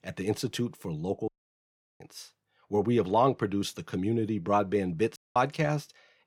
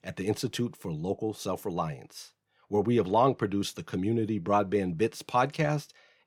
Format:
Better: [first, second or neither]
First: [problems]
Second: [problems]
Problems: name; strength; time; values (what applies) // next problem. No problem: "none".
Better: second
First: audio cutting out; at 1.5 s for 0.5 s and at 5 s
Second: none